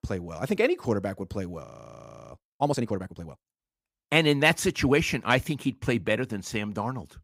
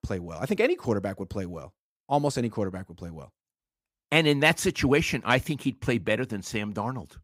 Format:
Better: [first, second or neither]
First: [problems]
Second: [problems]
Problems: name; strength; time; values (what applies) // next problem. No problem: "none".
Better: second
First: audio freezing; at 1.5 s for 0.5 s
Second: none